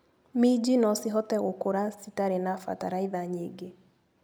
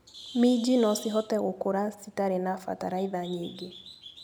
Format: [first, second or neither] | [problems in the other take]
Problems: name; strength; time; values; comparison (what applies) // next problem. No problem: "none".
first | background sound (Bird); 20 dB below the speech